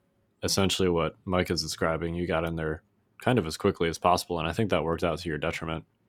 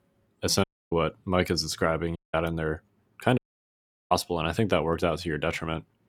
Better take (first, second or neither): first